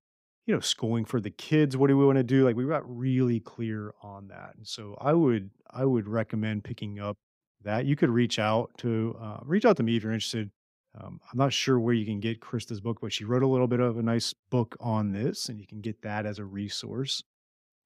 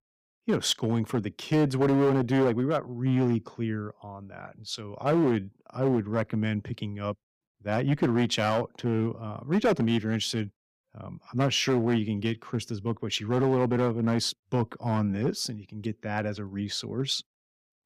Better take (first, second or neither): first